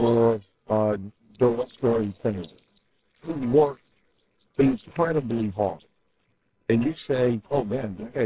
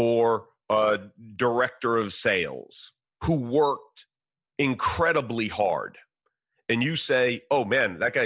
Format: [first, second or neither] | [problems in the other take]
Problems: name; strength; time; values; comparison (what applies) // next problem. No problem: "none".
second | noise reduction (neural separator model SepFormer WHAMR!)